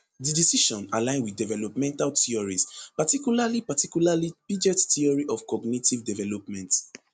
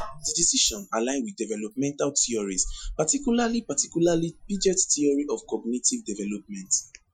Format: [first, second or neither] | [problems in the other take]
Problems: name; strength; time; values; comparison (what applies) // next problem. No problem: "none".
first | noise reduction (classical method Wiener filter)